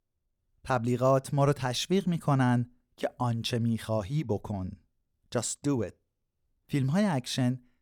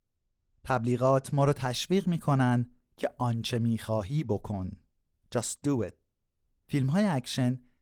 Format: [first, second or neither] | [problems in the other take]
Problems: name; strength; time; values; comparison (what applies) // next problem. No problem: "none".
first | garbled, watery; slightly